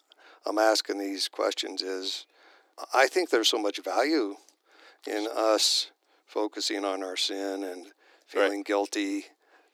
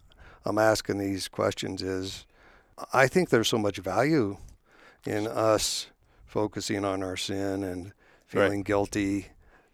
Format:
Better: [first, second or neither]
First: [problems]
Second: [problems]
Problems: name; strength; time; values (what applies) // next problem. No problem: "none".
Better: second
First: thin; very slightly; fading below 300 Hz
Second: none